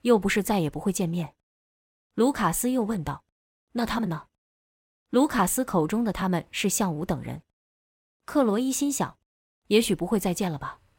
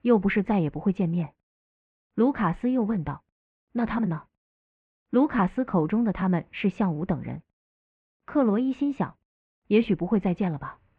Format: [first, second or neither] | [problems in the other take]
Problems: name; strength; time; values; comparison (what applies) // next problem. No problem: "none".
first | muffled; very; fading above 2.5 kHz